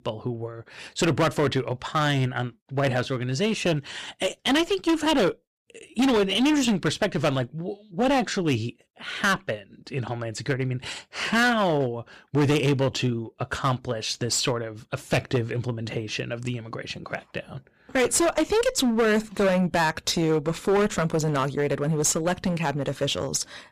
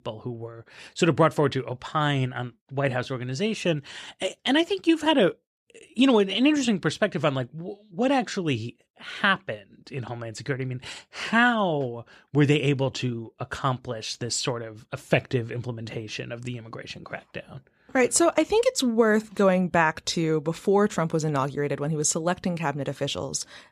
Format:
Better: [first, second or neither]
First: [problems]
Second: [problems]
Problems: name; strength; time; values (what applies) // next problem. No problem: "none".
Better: second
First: distortion; heavy; 10% of the sound clipped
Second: none